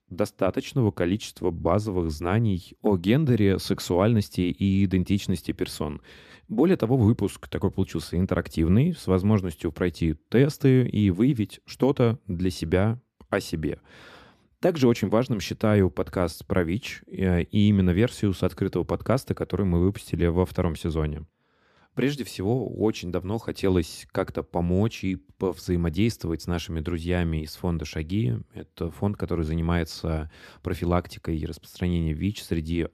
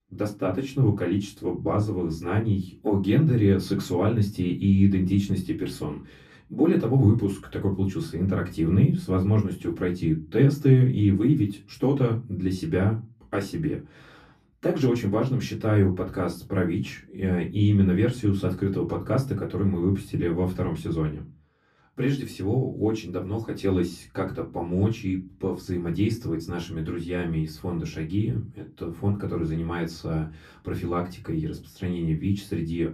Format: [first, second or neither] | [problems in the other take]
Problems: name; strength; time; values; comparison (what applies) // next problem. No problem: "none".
first | off-mic speech; far // room echo; very slight; dies away in 0.2 s